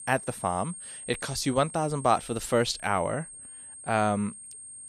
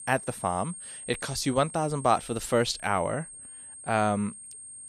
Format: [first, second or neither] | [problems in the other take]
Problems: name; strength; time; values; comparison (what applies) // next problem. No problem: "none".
neither | high-pitched whine; noticeable; throughout; 8.5 kHz, 15 dB below the speech; the same in both